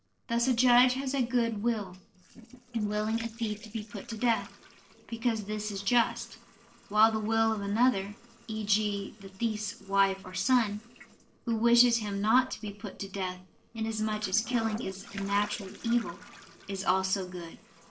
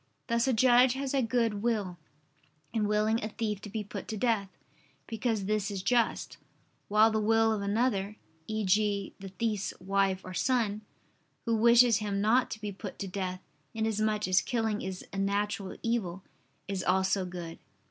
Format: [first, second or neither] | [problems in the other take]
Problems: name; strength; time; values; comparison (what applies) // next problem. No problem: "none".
second | noise reduction (neural separator model SepFormer DNS4)